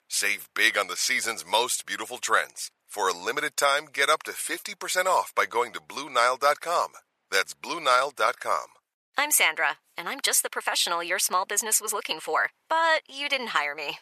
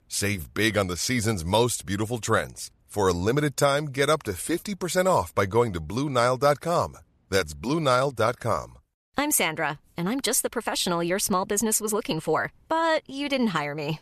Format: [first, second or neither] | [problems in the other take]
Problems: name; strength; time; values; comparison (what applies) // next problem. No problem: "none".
second | thin; very; fading below 700 Hz